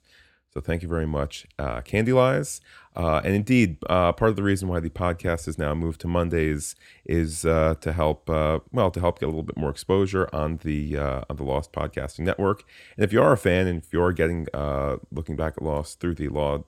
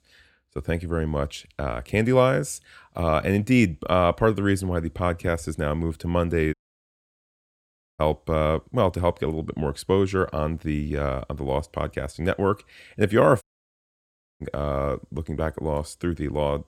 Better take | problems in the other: first | audio cutting out; at 6.5 s for 1.5 s and at 13 s for 1 s

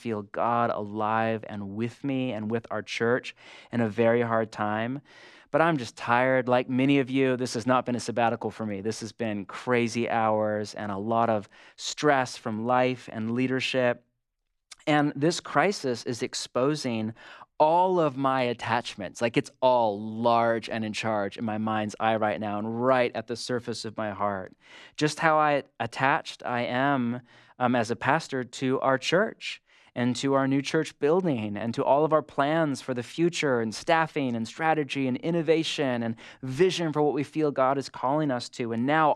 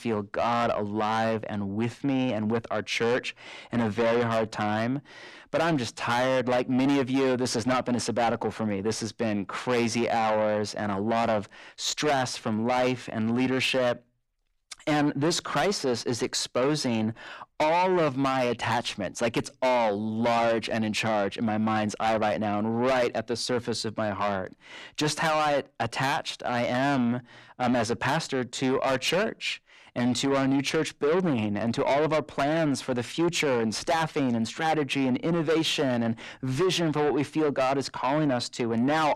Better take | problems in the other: first | distortion; heavy; 6 dB below the speech

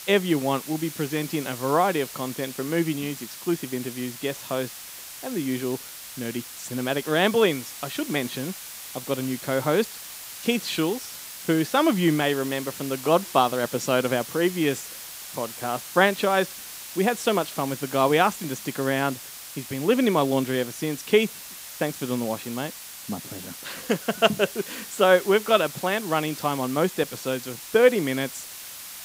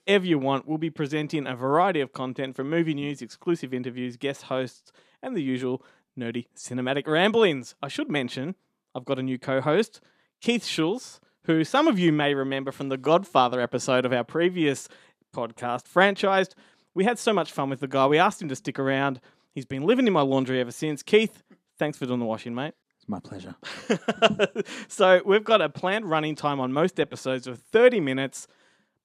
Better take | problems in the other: second | hiss; noticeable; throughout; 10 dB below the speech

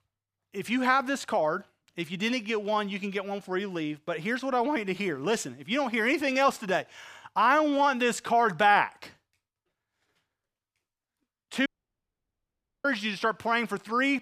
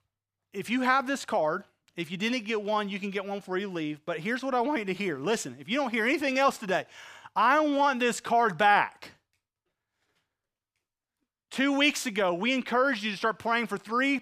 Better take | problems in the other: second | audio cutting out; at 12 s for 1 s

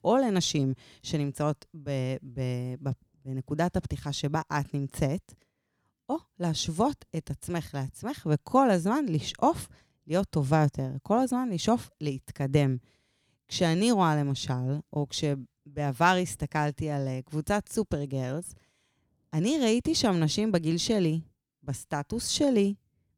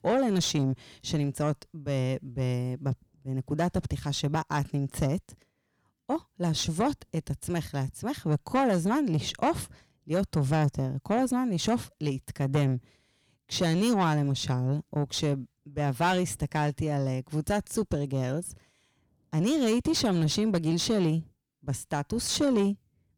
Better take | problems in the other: first | distortion; slight; 10 dB below the speech

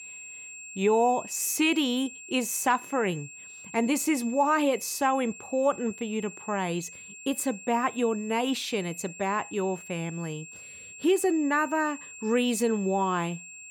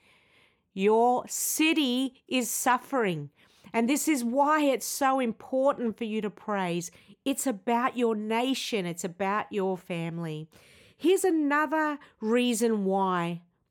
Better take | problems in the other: second | high-pitched whine; noticeable; throughout; 2.5 kHz, 15 dB below the speech

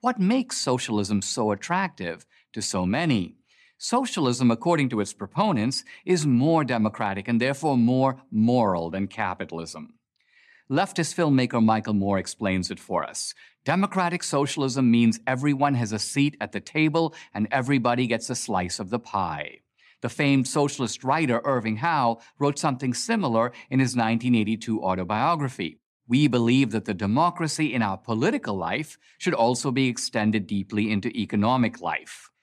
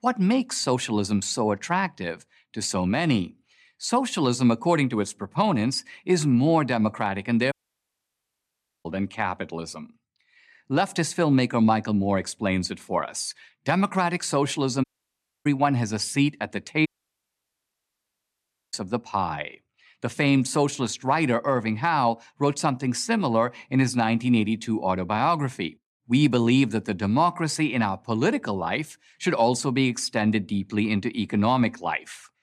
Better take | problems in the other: first | audio cutting out; at 7.5 s for 1.5 s, at 15 s for 0.5 s and at 17 s for 2 s

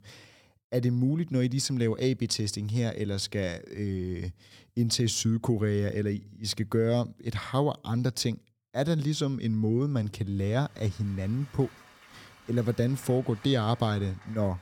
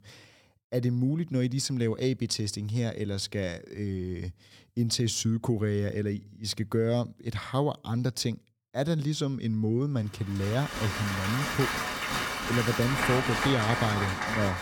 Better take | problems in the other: first | crowd noise; loud; from 11 s on; as loud as the speech; faint in the first

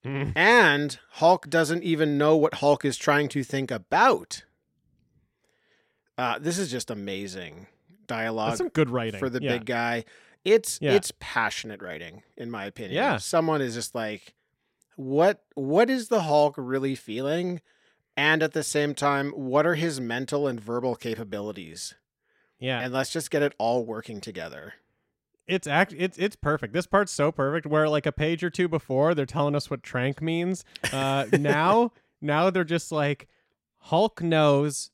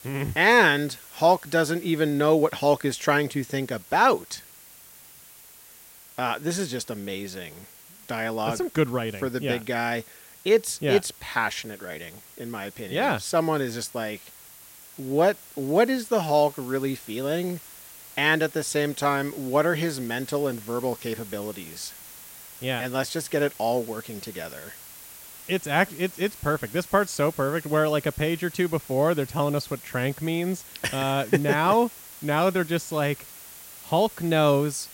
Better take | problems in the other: first | hiss; noticeable; throughout; 20 dB below the speech

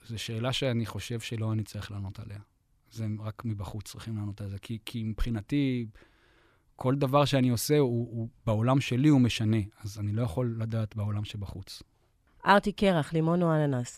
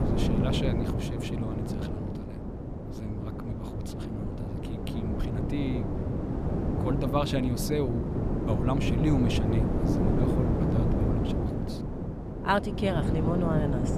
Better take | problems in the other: first | wind noise on the microphone; heavy; 2 dB below the speech

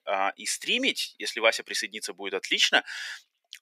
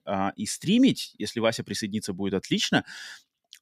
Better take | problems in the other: second | thin; very; fading below 450 Hz

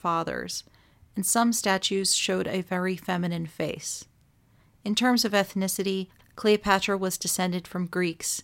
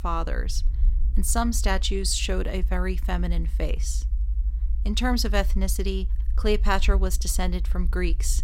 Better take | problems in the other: first | low rumble; faint; throughout; 20 dB below the speech

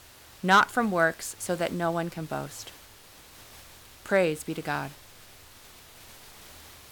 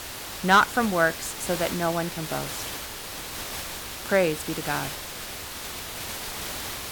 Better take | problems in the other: first | hiss; loud; throughout; 8 dB below the speech; faint in the first

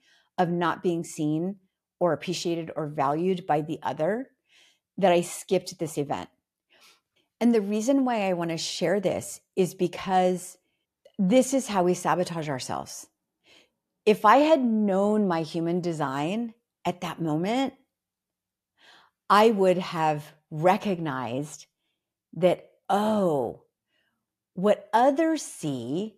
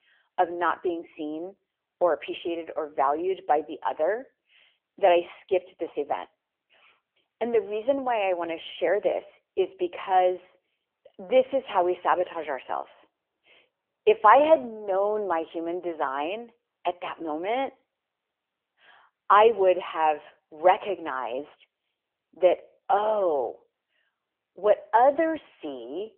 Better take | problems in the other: first | phone-call audio; nothing above 3.5 kHz

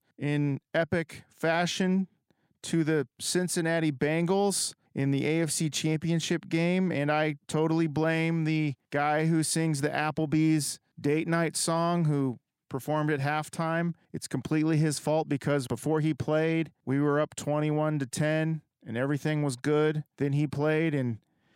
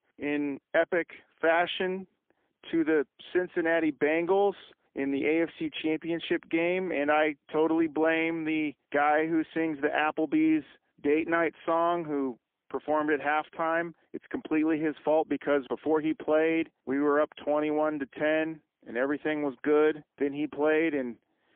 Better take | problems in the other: first | phone-call audio; poor line; nothing above 3.5 kHz

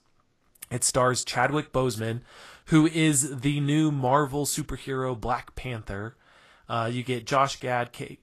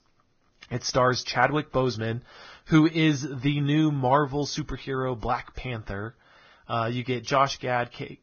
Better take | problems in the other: first | garbled, watery; badly; nothing above 6.5 kHz; slightly in the first

